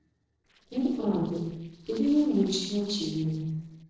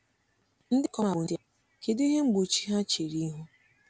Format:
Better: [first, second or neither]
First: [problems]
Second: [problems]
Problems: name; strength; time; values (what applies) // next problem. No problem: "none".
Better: second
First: noise reduction (neural separator model SepFormer DNS4)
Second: none